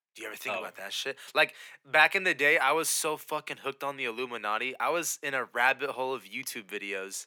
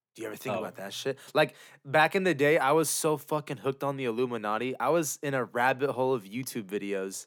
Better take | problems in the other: second | thin; somewhat; fading below 850 Hz

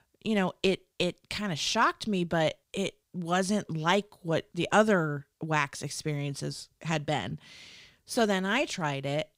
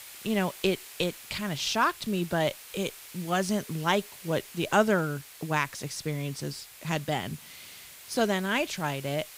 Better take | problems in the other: first | hiss; noticeable; throughout; 15 dB below the speech

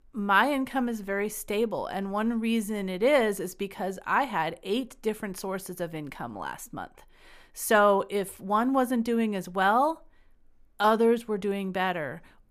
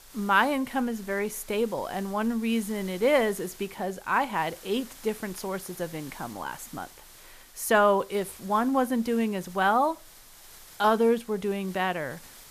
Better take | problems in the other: first | hiss; faint; throughout; 20 dB below the speech

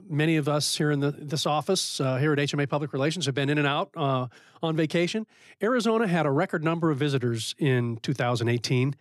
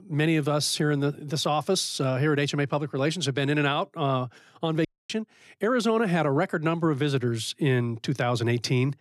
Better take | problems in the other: first | audio cutting out; at 5 s

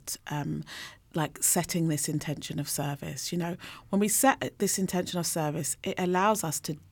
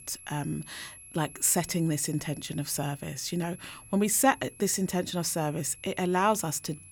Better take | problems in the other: first | high-pitched whine; noticeable; throughout; 11 kHz, 20 dB below the speech

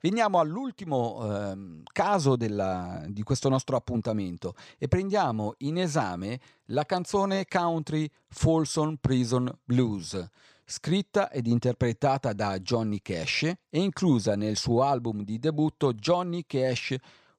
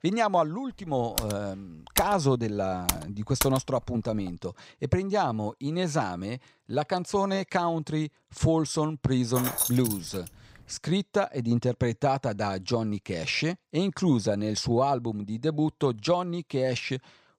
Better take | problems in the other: first | keyboard typing; noticeable; from 1 to 3.5 s; peak 1 dB below the speech // jangling keys; loud; at 9.5 s; peak 1 dB above the speech

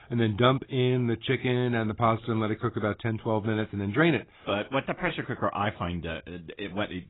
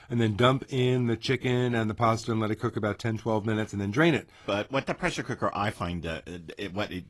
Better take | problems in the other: second | garbled, watery; badly; nothing above 4 kHz; slightly in the second

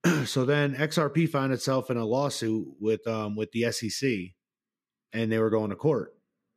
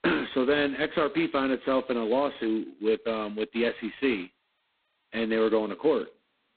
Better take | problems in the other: first | phone-call audio; poor line; nothing above 4 kHz

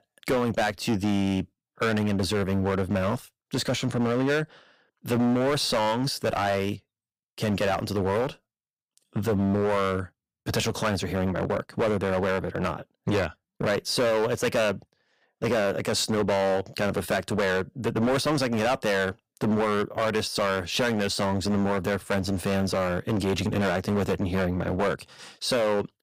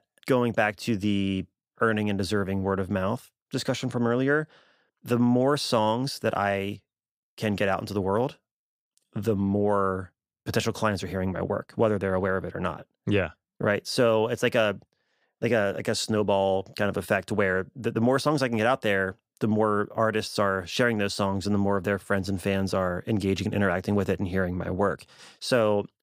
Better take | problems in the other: second | distortion; heavy; 14% of the sound clipped

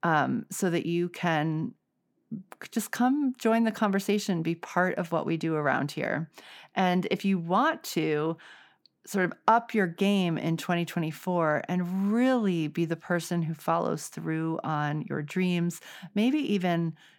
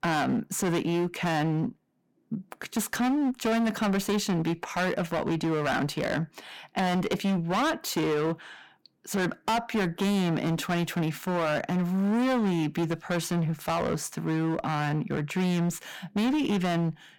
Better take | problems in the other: first | distortion; heavy; 23% of the sound clipped

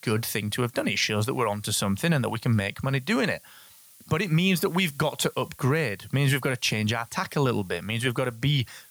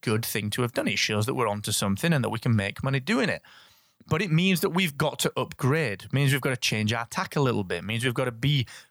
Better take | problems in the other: second | hiss; faint; throughout; 25 dB below the speech

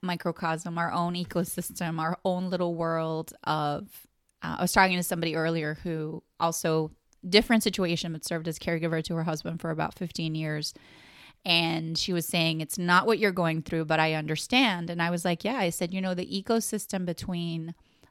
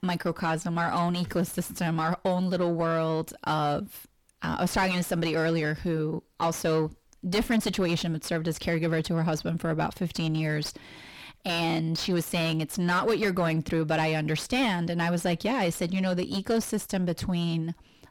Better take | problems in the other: first | distortion; heavy; 6 dB below the speech

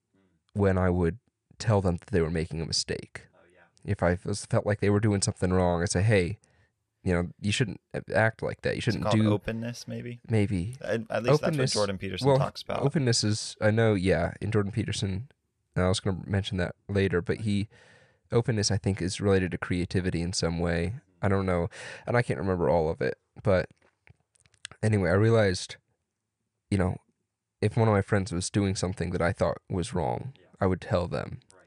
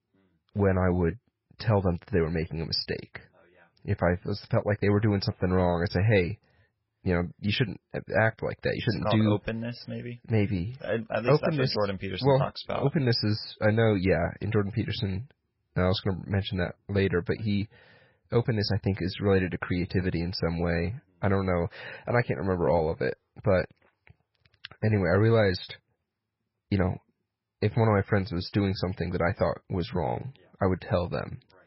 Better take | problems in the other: first | garbled, watery; badly; nothing above 5.5 kHz

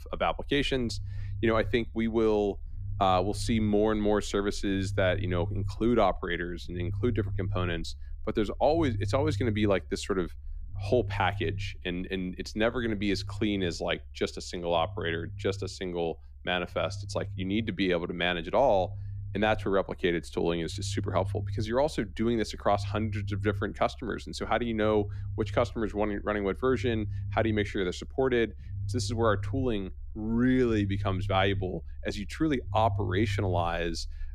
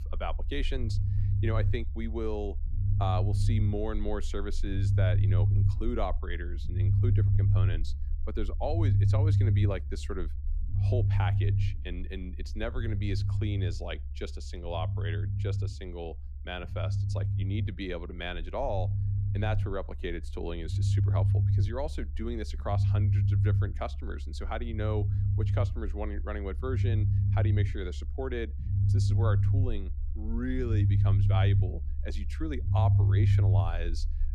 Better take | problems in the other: first | low rumble; loud; throughout; 4 dB below the speech; faint in the first

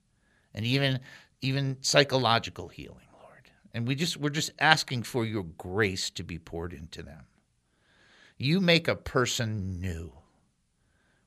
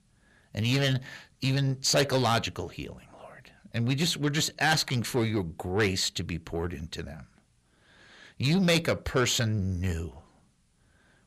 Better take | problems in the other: first | distortion; heavy; 7 dB below the speech

